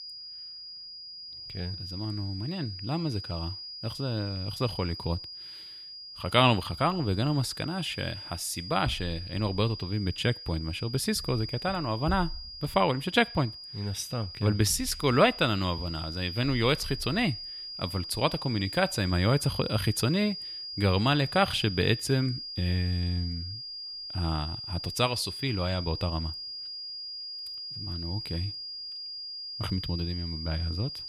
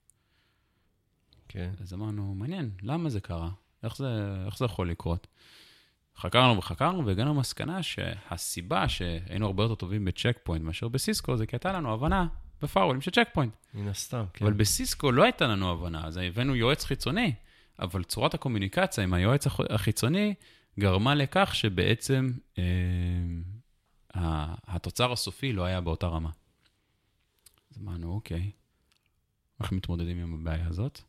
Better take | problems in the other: second | high-pitched whine; loud; throughout; 5 kHz, 8 dB below the speech

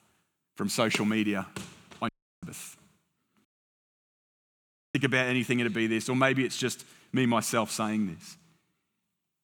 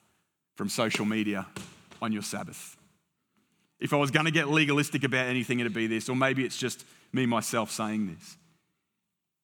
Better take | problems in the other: second | audio cutting out; at 2 s and at 3.5 s for 1.5 s

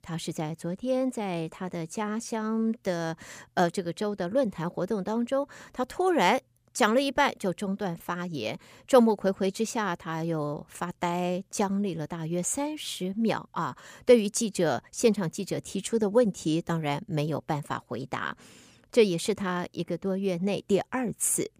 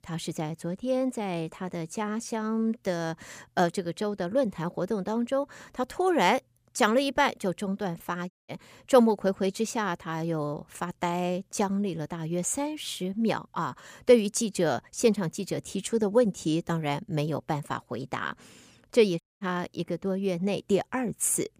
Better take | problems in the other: first | audio cutting out; at 8.5 s and at 19 s

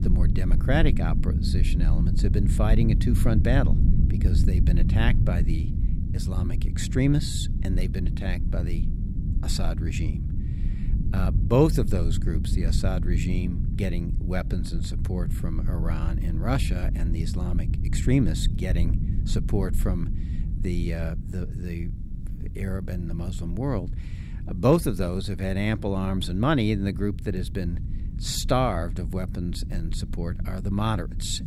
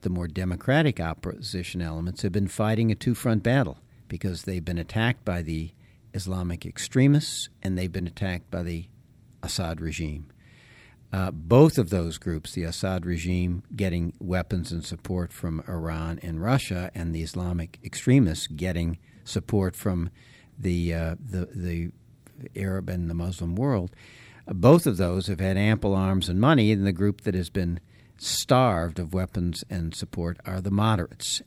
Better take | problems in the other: second | low rumble; loud; throughout; 10 dB below the speech

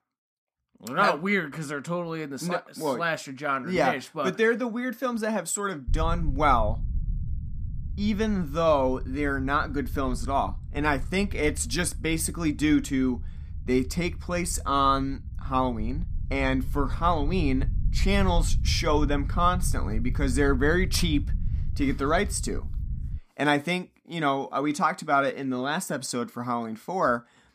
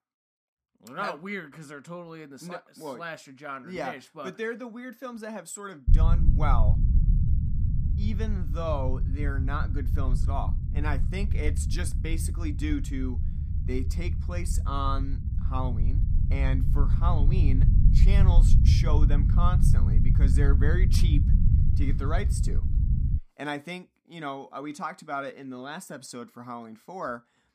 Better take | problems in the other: first | low rumble; loud; from 6 to 23 s; 6 dB below the speech; faint in the first

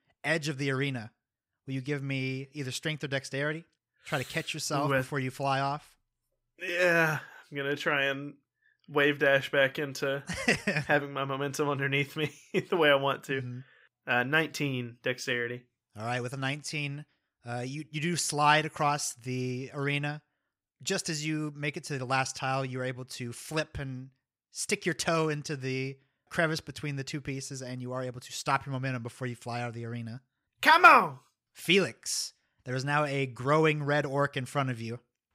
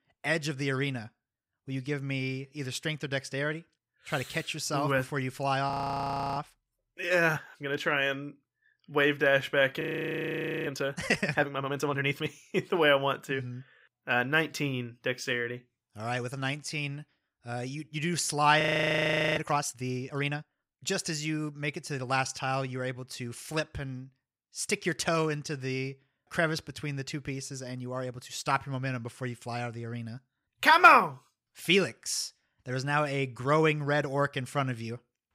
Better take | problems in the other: first | audio freezing; at 5.5 s for 0.5 s, at 10 s for 1 s and at 19 s for 1 s

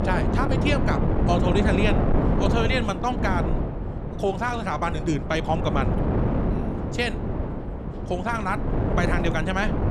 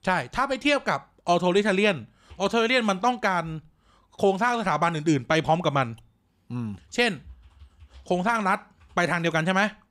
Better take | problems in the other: second | wind noise on the microphone; heavy; 4 dB below the speech

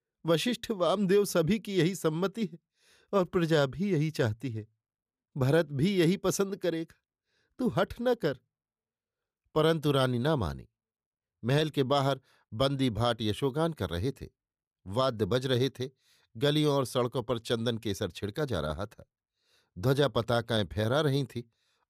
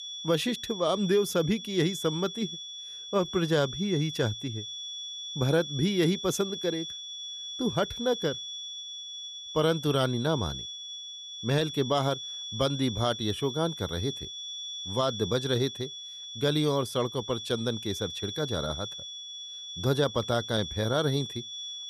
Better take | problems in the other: first | high-pitched whine; loud; throughout; 3.5 kHz, 7 dB below the speech

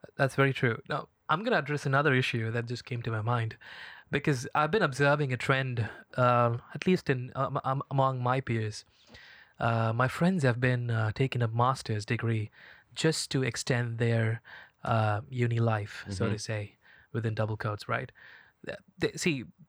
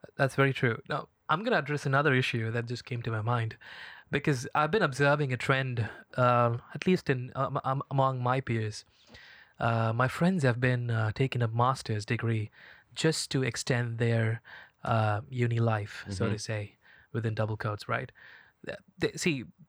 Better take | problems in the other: neither | none

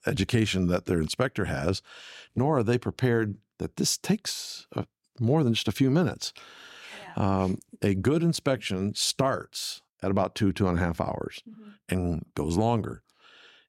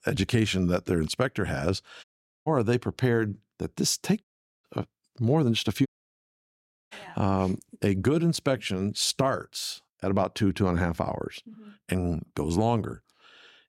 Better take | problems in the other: first | audio cutting out; at 2 s, at 4 s and at 6 s for 1 s

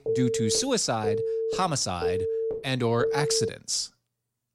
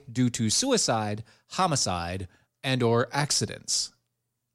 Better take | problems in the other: second | phone ringing; loud; until 3.5 s; peak level with the speech

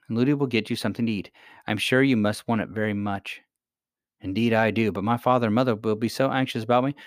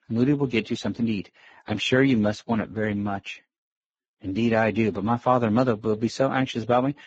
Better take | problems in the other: first | garbled, watery; badly; nothing above 7.5 kHz

